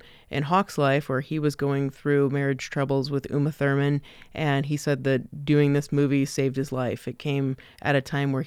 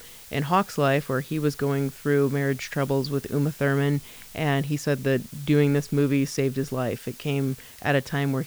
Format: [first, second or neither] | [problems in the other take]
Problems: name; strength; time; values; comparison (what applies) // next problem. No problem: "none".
first | hiss; noticeable; throughout; 20 dB below the speech